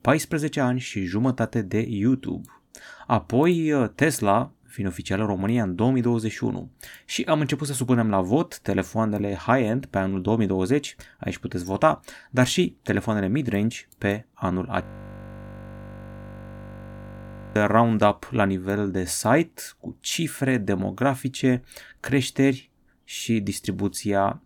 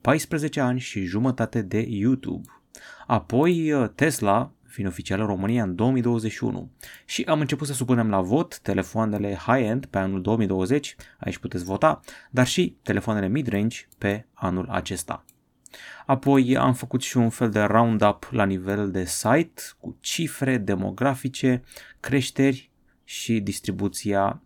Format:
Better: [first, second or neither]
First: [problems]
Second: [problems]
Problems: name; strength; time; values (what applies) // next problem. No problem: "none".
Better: second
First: audio freezing; at 15 s for 2.5 s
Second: none